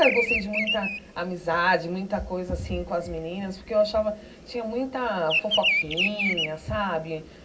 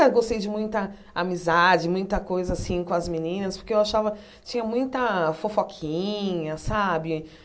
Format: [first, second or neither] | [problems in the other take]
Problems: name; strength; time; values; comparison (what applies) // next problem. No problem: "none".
second | background sound (Bird vocalization, bird call, bird song); 3 dB below the speech // room echo; dies away in 0.4 s